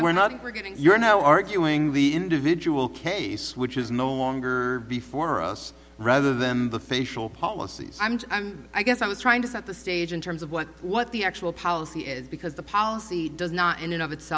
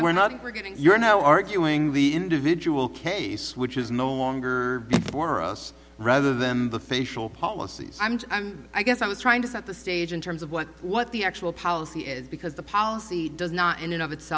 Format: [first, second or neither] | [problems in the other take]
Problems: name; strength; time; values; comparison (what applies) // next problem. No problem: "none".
first | background sound (Telephone); 5 dB below the speech